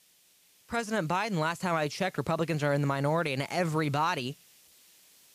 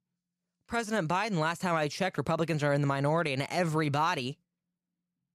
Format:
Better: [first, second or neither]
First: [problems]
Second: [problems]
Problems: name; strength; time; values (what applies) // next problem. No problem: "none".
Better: second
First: hiss; faint; throughout; 25 dB below the speech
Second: none